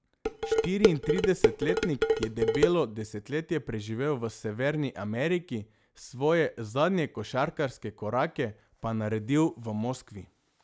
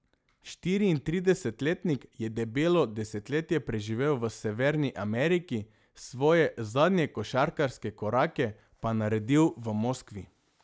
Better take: second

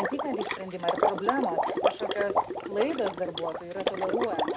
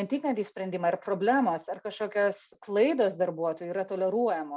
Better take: second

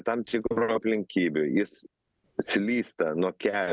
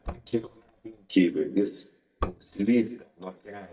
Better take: first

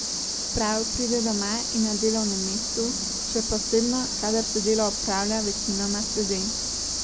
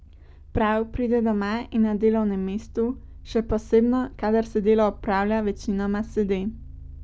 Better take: second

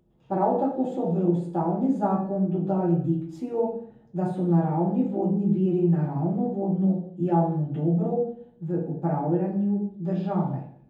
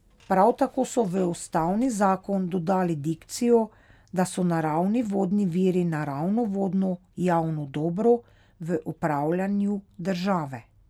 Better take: second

